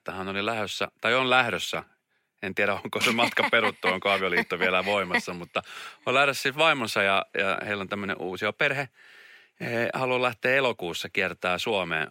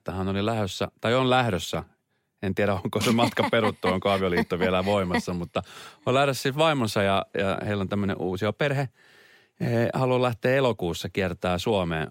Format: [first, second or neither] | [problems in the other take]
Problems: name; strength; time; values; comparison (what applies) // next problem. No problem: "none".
second | thin; somewhat; fading below 400 Hz